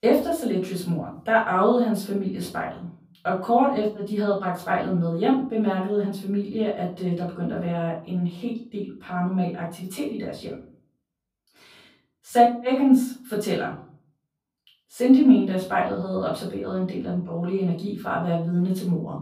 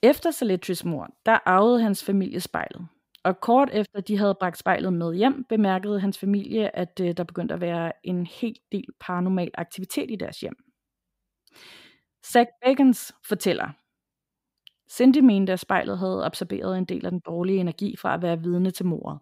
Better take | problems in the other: second | off-mic speech; far // room echo; slight; dies away in 0.4 s

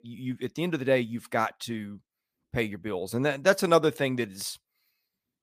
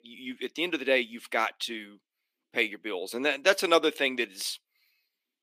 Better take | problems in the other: first | thin; very slightly; fading below 300 Hz

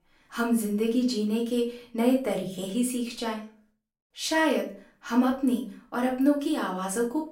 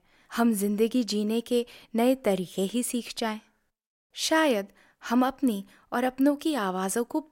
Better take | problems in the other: second | off-mic speech; far // room echo; slight; dies away in 0.3 s

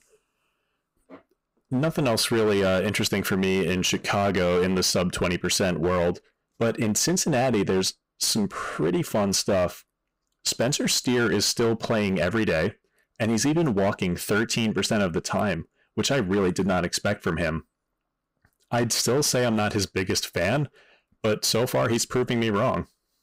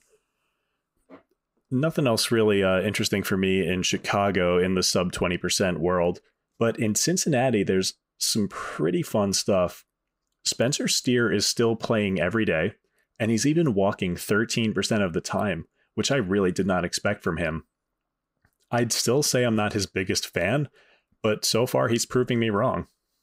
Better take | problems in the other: second | distortion; slight; 12% of the sound clipped

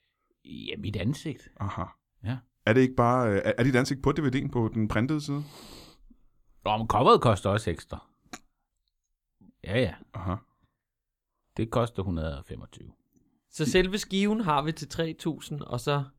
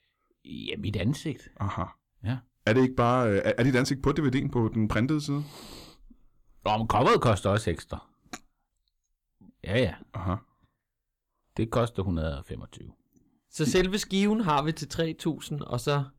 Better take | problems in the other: first | distortion; slight; 10 dB below the speech

